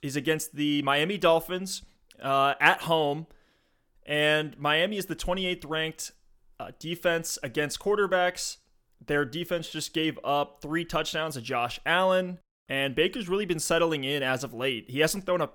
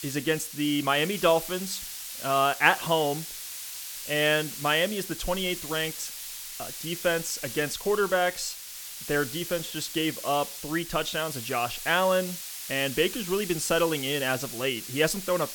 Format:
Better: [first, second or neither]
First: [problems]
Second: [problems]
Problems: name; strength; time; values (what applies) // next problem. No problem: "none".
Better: first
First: none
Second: hiss; loud; throughout; 9 dB below the speech